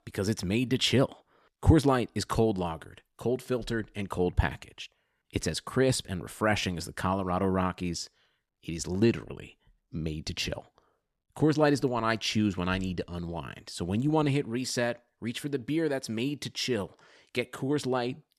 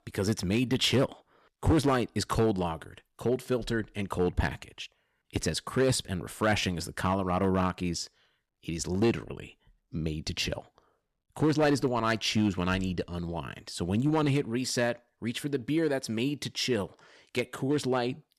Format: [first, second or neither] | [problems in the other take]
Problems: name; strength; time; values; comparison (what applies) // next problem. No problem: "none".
first | distortion; slight; 3% of the sound clipped